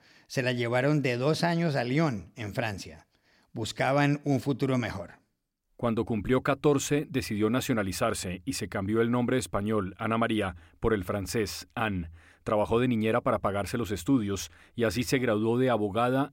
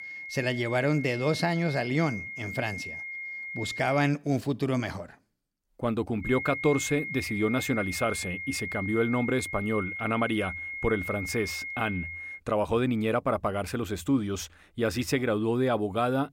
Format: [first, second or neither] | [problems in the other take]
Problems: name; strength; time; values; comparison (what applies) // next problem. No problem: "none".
first | high-pitched whine; loud; until 4 s and from 6 to 12 s; 2 kHz, 6 dB below the speech